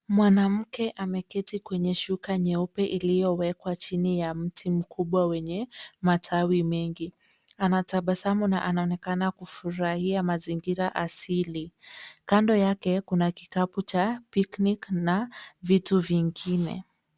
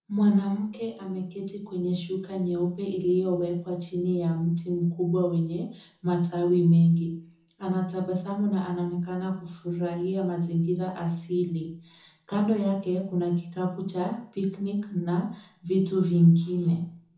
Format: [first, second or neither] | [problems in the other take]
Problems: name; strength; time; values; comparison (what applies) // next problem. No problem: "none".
first | room echo; dies away in 0.6 s